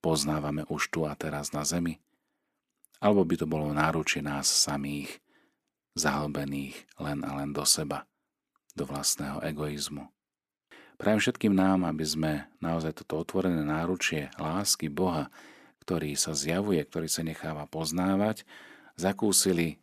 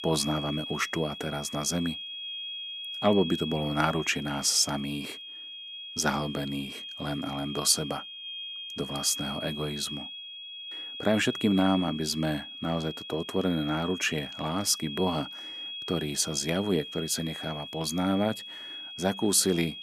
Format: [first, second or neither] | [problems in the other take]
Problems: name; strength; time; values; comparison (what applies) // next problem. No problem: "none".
first | high-pitched whine; loud; throughout; 3.5 kHz, 9 dB below the speech